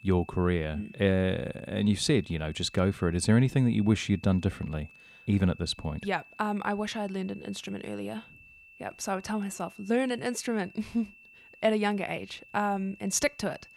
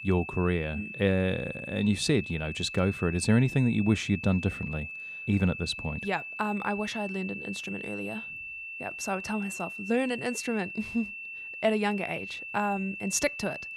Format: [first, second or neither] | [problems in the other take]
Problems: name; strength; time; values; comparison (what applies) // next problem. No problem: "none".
first | high-pitched whine; loud; throughout; 2.5 kHz, 8 dB below the speech; faint in the first